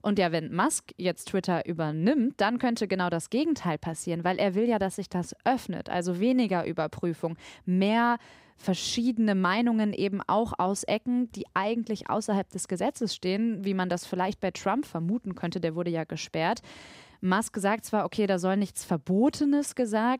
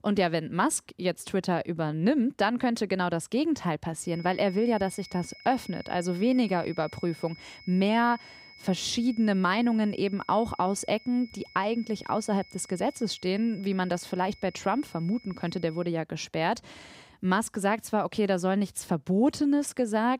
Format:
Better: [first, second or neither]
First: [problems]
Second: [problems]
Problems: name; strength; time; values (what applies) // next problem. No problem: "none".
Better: first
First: none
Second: high-pitched whine; faint; from 4 to 16 s; 2 kHz, 20 dB below the speech